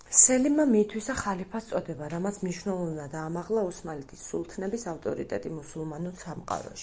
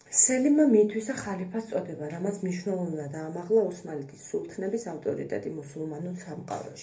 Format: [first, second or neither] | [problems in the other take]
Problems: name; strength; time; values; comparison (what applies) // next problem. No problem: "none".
first | room echo; dies away in 0.3 s